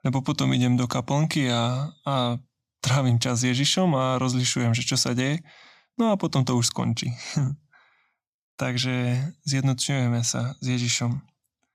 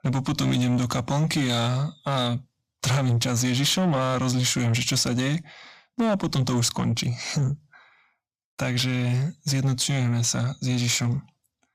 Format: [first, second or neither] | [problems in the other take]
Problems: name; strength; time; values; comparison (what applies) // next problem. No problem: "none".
first | distortion; slight; 10 dB below the speech